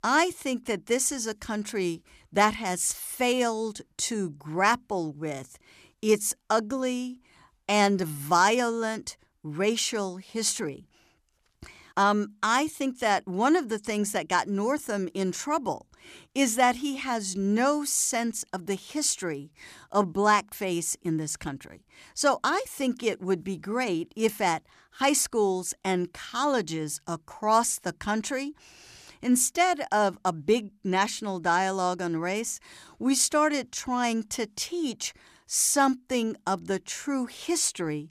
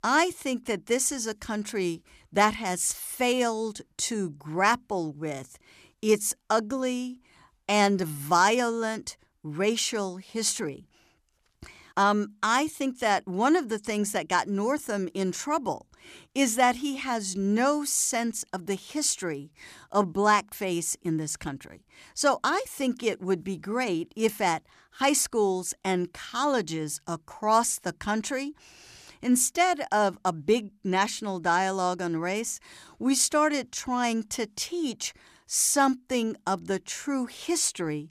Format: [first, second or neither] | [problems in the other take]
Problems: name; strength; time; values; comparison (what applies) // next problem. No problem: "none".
neither | none